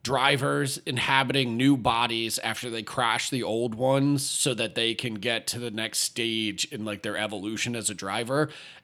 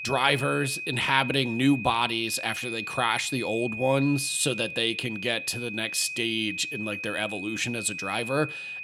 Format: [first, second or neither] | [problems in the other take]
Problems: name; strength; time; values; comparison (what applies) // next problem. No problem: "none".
first | high-pitched whine; loud; throughout; 2.5 kHz, 7 dB below the speech